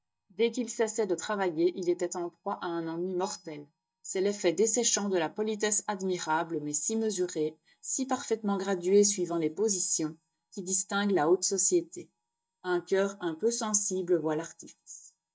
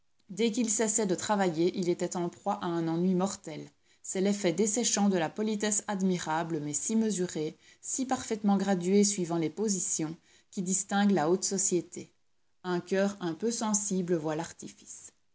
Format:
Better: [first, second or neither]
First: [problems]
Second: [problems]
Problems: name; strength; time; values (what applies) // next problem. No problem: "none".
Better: second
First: noise reduction (neural mask model DeepFilterNet 3)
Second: none